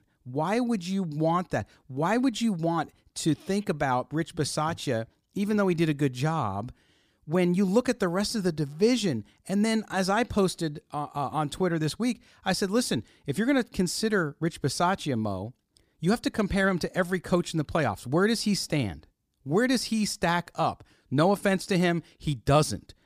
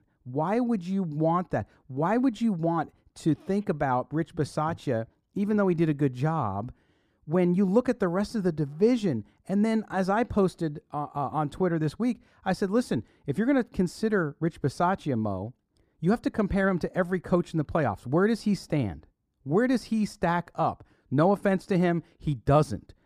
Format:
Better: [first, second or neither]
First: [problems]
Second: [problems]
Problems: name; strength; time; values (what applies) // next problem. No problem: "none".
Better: first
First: none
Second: muffled; slightly; fading above 2 kHz